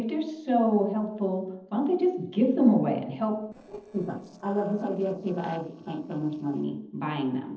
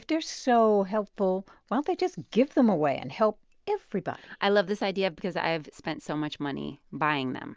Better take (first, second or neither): second